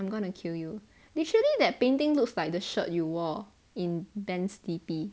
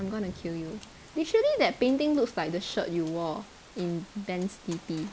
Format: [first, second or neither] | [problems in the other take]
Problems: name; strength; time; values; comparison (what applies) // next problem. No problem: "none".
first | background sound (Rain); 19 dB below the speech